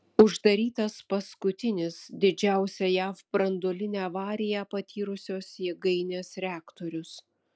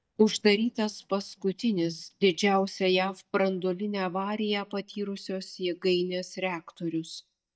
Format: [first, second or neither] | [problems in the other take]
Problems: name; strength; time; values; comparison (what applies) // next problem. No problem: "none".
first | noise reduction (neural mask model DeepFilterNet 3)